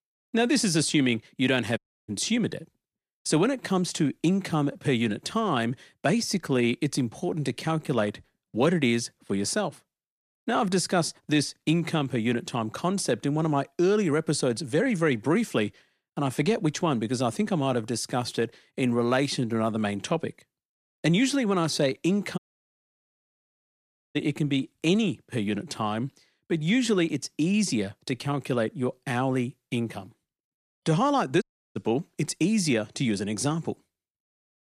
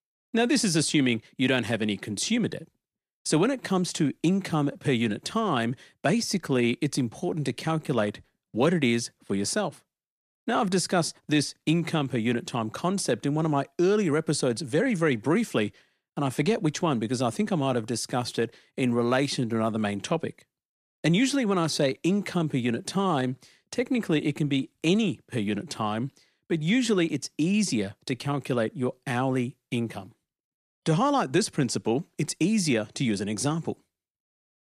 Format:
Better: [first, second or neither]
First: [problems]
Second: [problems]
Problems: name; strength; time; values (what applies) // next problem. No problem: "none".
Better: second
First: audio cutting out; at 2 s, at 22 s for 2 s and at 31 s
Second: none